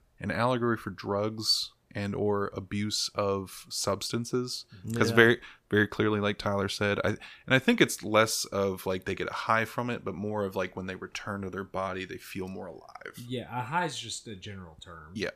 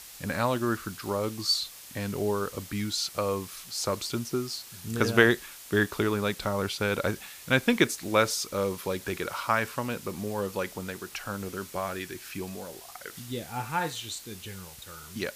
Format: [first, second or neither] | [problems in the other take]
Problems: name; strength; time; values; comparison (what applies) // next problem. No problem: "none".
first | hiss; noticeable; throughout; 15 dB below the speech